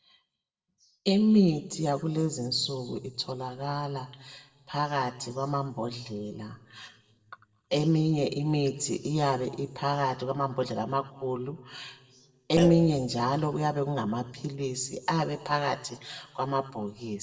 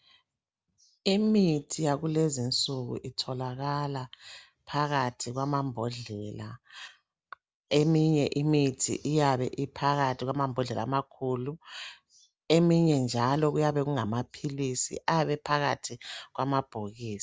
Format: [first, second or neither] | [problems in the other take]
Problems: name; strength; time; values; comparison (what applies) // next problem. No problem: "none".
second | noise reduction (neural separator model SepFormer DNS4)